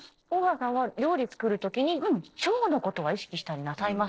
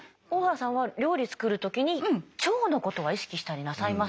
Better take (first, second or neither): second